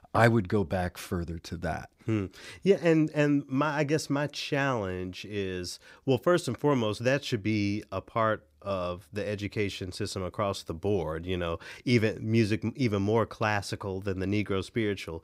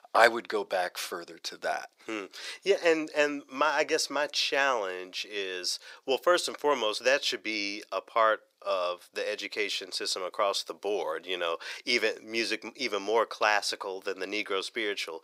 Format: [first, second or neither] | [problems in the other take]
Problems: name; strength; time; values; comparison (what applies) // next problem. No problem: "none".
first | thin; very; fading below 500 Hz